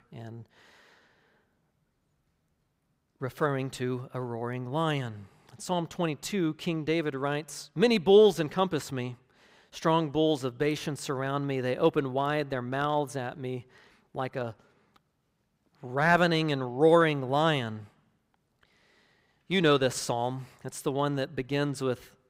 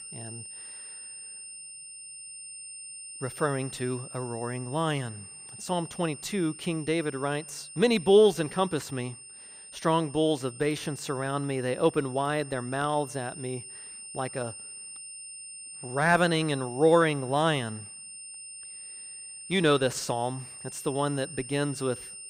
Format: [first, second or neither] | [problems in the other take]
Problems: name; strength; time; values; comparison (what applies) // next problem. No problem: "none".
first | high-pitched whine; noticeable; throughout; 9 kHz, 15 dB below the speech